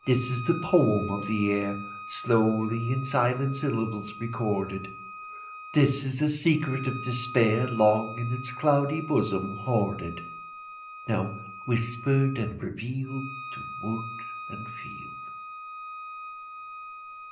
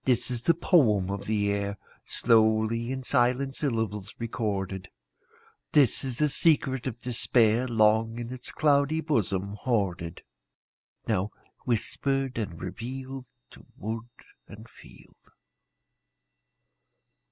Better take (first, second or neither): second